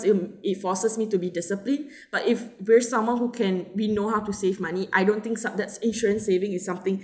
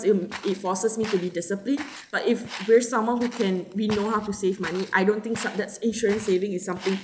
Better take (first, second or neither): first